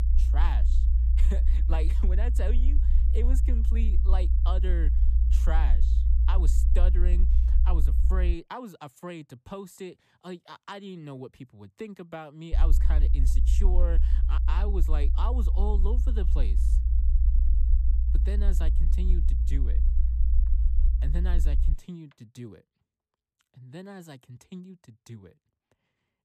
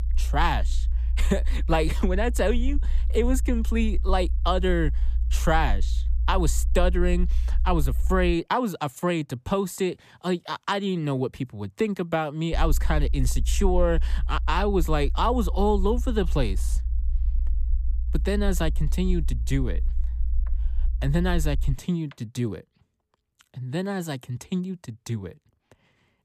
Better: second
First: low rumble; loud; until 8.5 s and from 13 to 22 s; 6 dB below the speech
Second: low rumble; faint; until 8.5 s and from 13 to 22 s; 20 dB below the speech

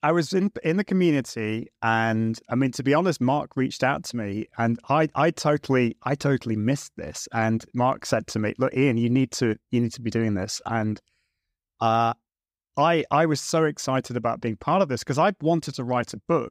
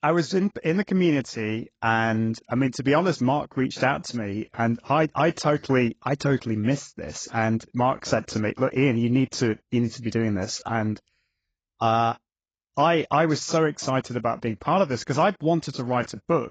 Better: first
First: none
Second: garbled, watery; badly; nothing above 7.5 kHz

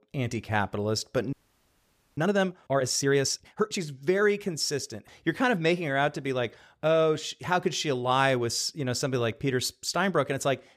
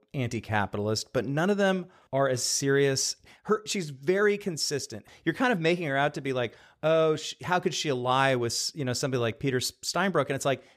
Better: second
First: audio freezing; at 1.5 s for 1 s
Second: none

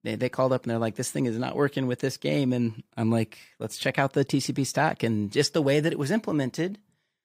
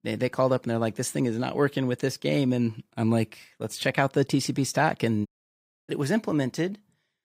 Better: first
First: none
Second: audio cutting out; at 5.5 s for 0.5 s

